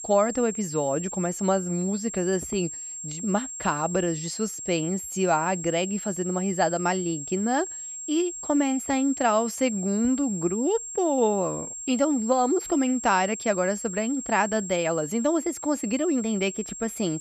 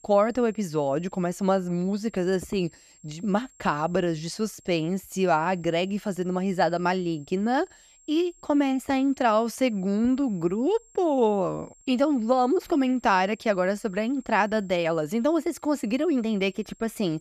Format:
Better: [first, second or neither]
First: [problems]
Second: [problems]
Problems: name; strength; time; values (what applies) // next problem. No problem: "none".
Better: second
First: high-pitched whine; loud; throughout; 7.5 kHz, 8 dB below the speech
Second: high-pitched whine; faint; throughout; 7.5 kHz, 30 dB below the speech